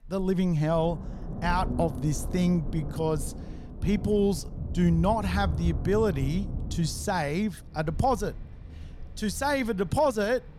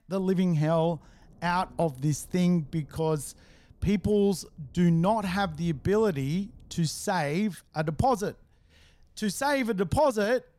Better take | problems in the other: second | rain or running water; loud; throughout; 9 dB below the speech; faint in the second

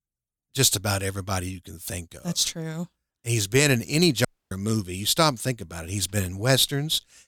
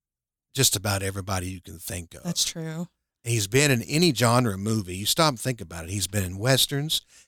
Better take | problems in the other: second | audio cutting out; at 4.5 s

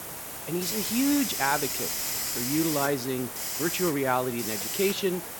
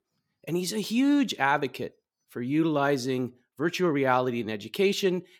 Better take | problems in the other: second | hiss; loud; throughout; 1 dB below the speech

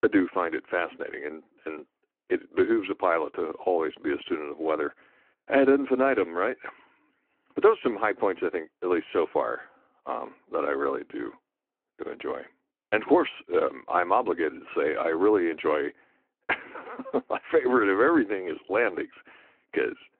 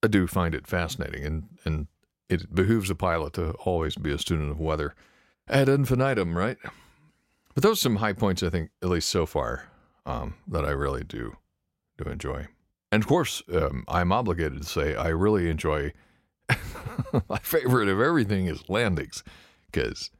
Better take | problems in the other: second | phone-call audio

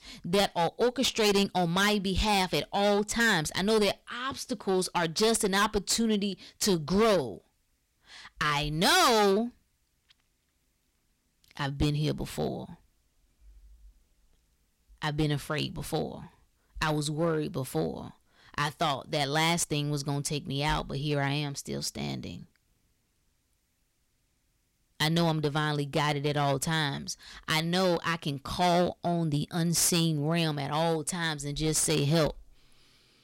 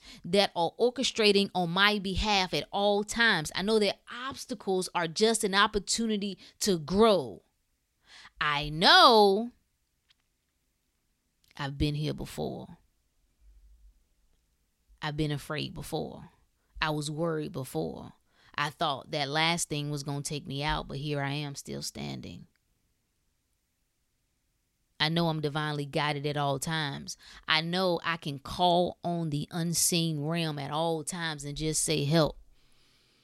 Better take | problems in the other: second | distortion; heavy; 6% of the sound clipped

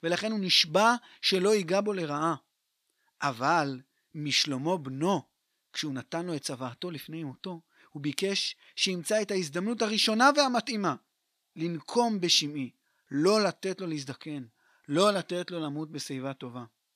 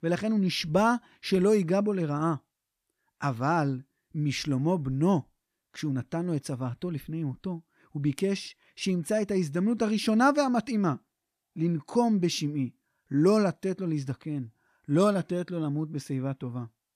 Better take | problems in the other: second | thin; very slightly; fading below 1 kHz

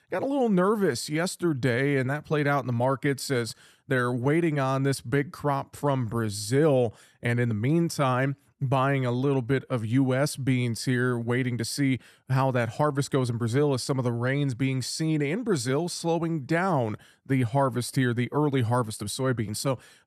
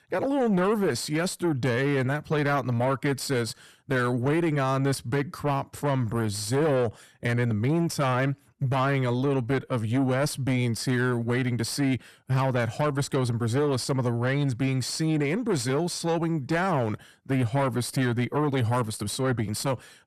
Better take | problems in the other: first | distortion; slight; 10 dB below the speech

